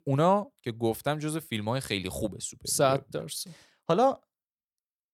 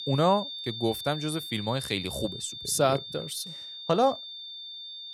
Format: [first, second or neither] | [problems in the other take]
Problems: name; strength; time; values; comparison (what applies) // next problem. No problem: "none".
first | high-pitched whine; loud; throughout; 3.5 kHz, 8 dB below the speech